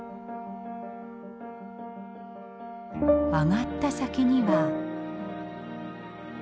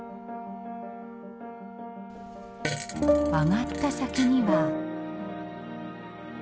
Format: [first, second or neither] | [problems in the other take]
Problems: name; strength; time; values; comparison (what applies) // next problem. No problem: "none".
first | background sound (Fart); 11 dB below the speech